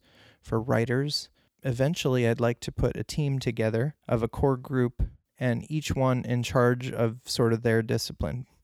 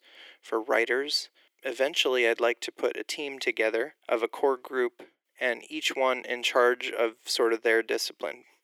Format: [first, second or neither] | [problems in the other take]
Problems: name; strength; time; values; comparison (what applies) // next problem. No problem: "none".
first | thin; very; fading below 350 Hz